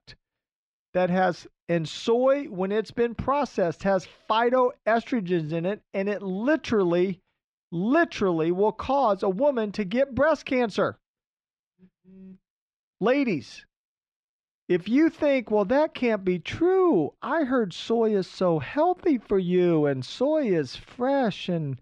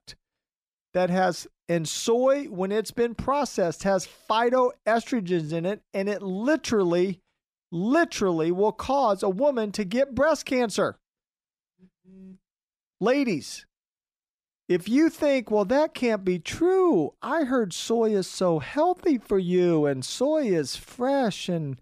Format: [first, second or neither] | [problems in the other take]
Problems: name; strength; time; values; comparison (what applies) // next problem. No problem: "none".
second | muffled; slightly; fading above 3 kHz